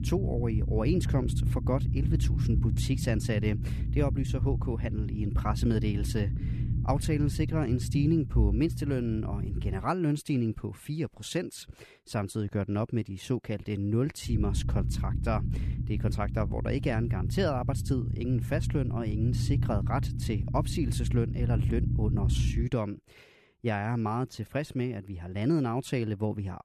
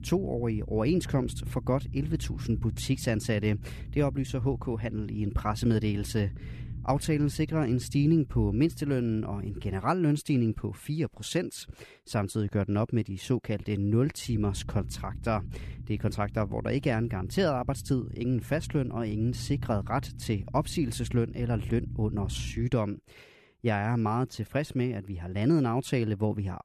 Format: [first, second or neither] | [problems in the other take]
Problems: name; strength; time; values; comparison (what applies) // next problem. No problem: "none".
second | low rumble; loud; until 10 s and from 14 to 23 s; 9 dB below the speech; faint in the second